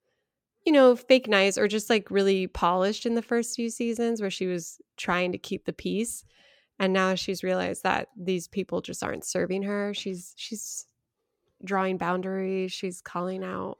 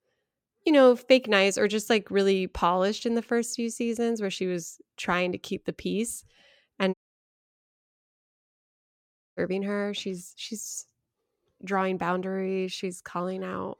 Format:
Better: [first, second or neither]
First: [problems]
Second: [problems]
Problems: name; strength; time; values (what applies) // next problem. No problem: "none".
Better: first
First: none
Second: audio cutting out; at 7 s for 2.5 s